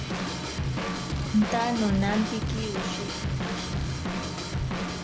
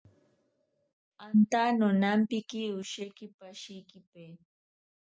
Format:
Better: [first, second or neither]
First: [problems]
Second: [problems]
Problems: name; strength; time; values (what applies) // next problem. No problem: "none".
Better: second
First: background sound (Drum / Drum kit); 1 dB above the speech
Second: none